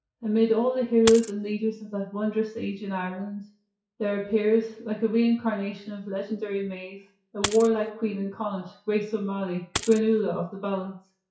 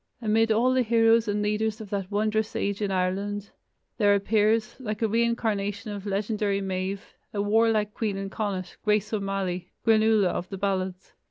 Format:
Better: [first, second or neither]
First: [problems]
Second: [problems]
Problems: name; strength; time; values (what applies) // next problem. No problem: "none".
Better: second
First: noise reduction (classical method WPE with log-MMSE)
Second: none